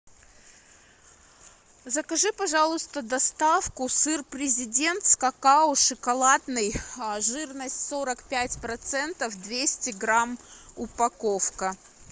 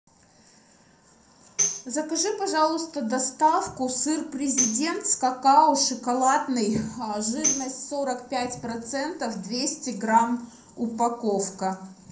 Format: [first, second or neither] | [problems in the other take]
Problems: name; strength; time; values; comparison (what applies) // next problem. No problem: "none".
first | background sound (Tambourine); 6 dB below the speech // room echo; dies away in 0.5 s